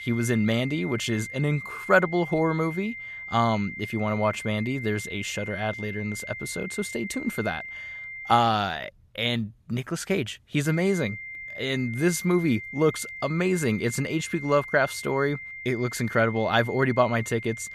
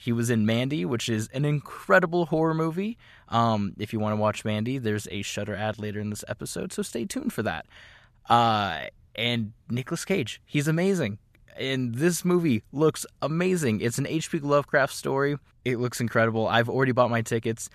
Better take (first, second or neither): second